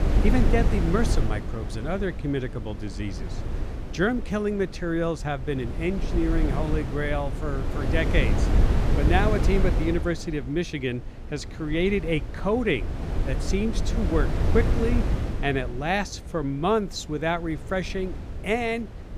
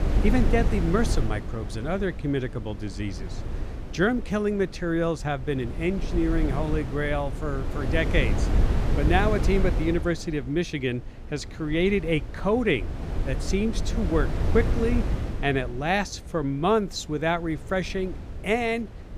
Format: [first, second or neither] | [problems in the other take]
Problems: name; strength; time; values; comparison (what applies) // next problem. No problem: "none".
second | wind noise on the microphone; heavy; 8 dB below the speech; occasional gusts in the second